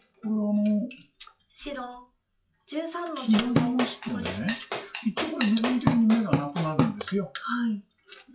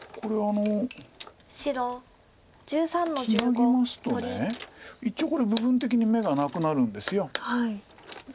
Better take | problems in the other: second | noise reduction (classical method WPE with log-MMSE)

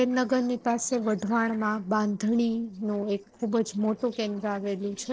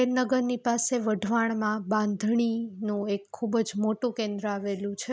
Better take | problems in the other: second | noise reduction (neural separator model SepFormer DNS4)

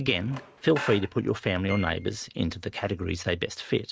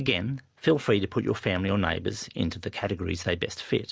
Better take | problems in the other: second | noise reduction (neural mask model RNNoise)

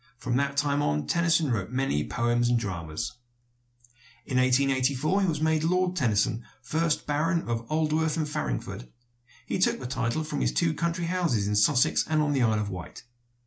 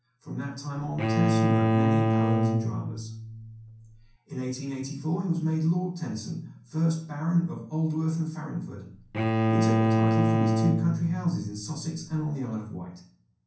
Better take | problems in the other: first | background sound (Bowed string instrument); 5 dB above the speech // room echo; dies away in 0.6 s

